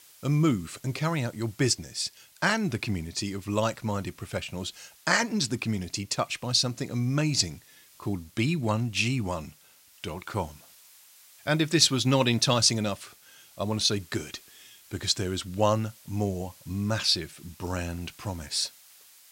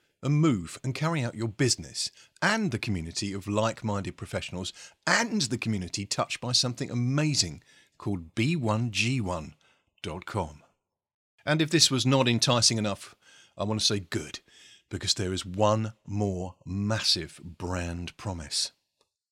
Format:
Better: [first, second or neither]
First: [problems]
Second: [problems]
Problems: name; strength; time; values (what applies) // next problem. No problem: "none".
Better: second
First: hiss; faint; throughout; 25 dB below the speech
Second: none